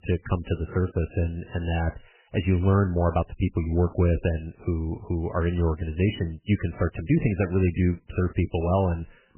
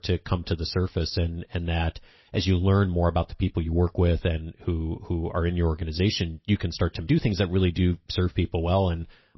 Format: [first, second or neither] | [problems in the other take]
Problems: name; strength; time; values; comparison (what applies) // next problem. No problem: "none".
second | garbled, watery; badly; nothing above 3 kHz; slightly in the second